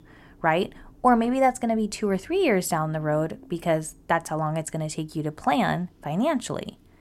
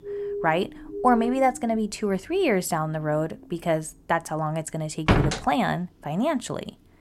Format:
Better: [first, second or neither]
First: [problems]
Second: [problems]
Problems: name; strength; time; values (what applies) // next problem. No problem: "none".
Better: first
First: none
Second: siren; noticeable; until 2 s; peak 5 dB below the speech // door banging; loud; at 5 s; peak 4 dB above the speech